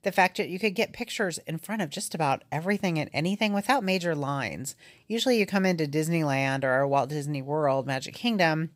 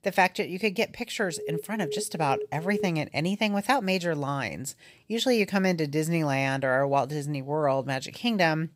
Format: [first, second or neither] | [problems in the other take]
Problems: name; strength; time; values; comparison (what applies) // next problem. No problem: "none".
first | alarm; noticeable; from 1.5 to 3 s; peak 8 dB below the speech